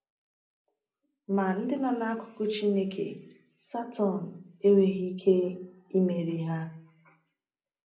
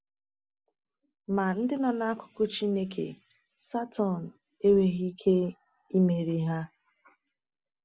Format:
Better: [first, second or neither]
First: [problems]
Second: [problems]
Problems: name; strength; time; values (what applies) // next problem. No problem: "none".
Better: second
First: room echo; dies away in 0.4 s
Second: none